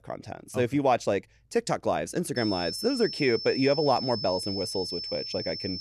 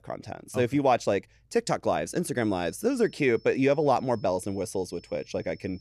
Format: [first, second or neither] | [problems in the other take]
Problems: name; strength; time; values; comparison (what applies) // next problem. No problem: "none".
second | high-pitched whine; loud; from 2.5 s on; 5.5 kHz, 6 dB below the speech; faint in the second